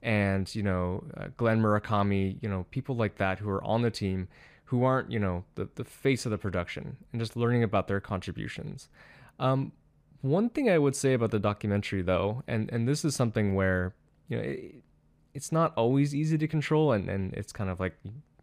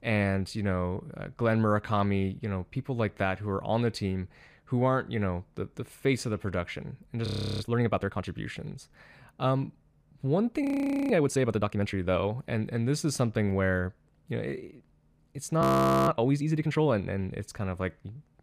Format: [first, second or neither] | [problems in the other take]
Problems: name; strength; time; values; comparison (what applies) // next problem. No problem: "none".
first | audio freezing; at 7.5 s, at 11 s and at 16 s